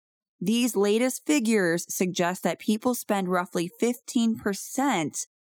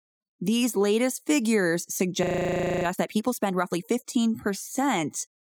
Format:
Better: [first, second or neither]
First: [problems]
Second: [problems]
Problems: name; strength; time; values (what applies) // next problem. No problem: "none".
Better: first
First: none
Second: audio freezing; at 2 s for 0.5 s